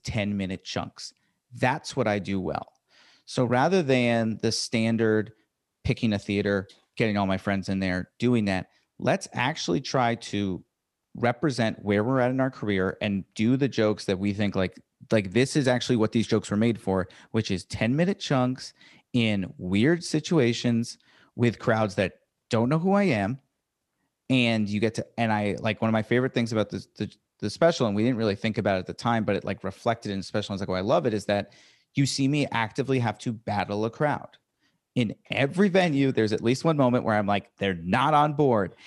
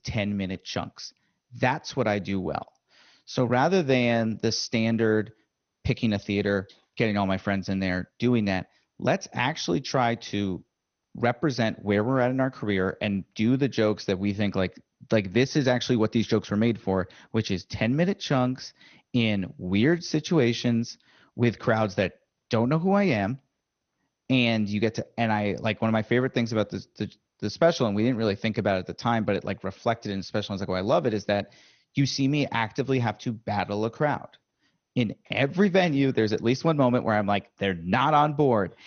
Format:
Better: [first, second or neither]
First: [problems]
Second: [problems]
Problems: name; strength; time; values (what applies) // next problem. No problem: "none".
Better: first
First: none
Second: garbled, watery; slightly; nothing above 6.5 kHz